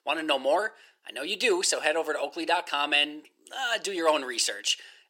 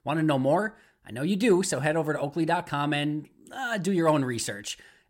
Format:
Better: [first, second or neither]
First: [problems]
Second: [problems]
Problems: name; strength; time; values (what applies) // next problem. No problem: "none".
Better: second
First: thin; very; fading below 400 Hz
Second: none